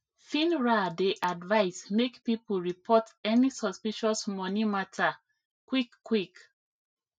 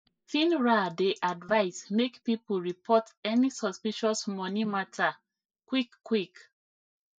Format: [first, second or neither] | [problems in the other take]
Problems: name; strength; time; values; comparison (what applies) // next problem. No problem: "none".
first | noise reduction (neural mask model DeepFilterNet 3)